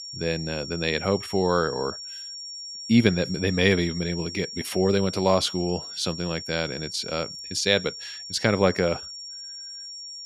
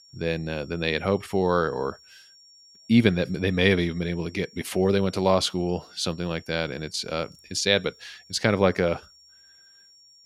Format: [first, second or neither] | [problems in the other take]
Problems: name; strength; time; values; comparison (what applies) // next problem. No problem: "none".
second | high-pitched whine; loud; throughout; 5.5 kHz, 10 dB below the speech; faint in the second